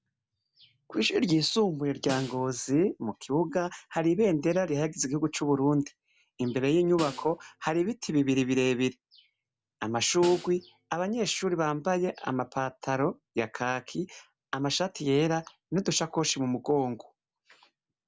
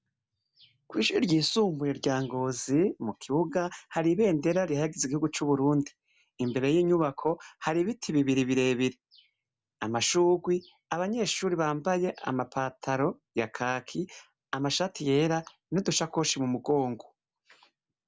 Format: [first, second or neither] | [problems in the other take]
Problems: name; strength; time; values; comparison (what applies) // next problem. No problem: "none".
second | background sound (Snare drum); 16 dB below the speech